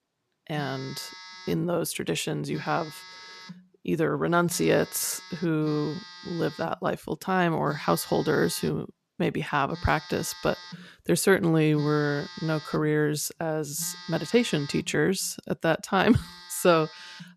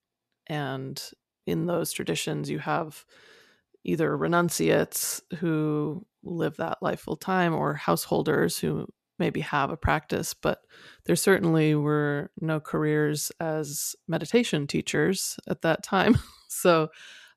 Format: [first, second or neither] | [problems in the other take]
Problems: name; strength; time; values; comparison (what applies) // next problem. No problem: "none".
second | alarms or sirens; noticeable; throughout; 15 dB below the speech